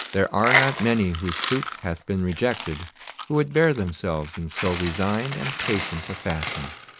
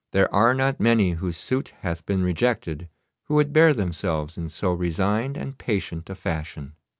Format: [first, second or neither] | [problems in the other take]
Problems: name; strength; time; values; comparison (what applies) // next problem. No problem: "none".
second | background sound (Coin (dropping)); 6 dB below the speech